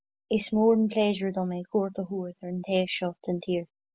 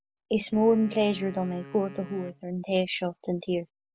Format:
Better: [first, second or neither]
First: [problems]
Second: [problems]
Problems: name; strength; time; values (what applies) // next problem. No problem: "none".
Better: first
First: none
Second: background sound (Wind instrument, woodwind instrument); 19 dB below the speech